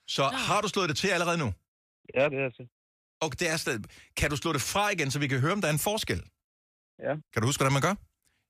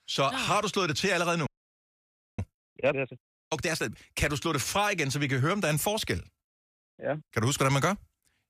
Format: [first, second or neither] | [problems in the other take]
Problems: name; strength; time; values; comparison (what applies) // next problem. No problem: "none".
first | audio freezing; at 1.5 s for 1 s